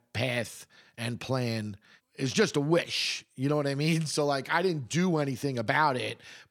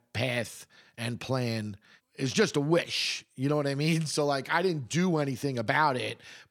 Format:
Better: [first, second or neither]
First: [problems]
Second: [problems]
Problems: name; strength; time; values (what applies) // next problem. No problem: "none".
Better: neither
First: none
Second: none